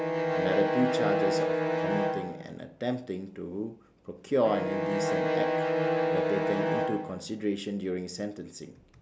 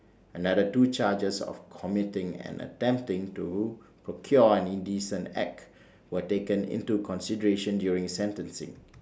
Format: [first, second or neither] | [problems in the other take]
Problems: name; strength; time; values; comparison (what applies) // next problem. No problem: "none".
second | background sound (Bowed string instrument); 3 dB above the speech